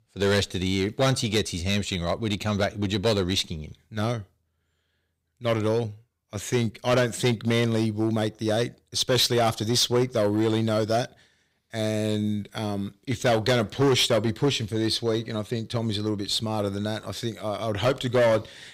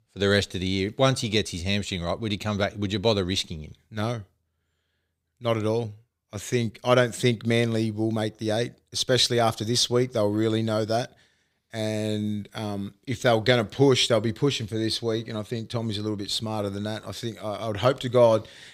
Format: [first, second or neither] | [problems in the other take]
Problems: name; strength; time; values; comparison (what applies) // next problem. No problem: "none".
second | distortion; slight; 5% of the sound clipped